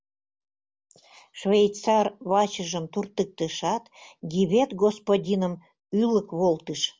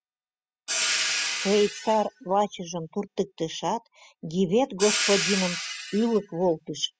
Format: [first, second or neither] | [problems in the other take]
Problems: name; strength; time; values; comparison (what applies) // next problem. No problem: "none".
first | noise reduction (classical method spectral subtraction)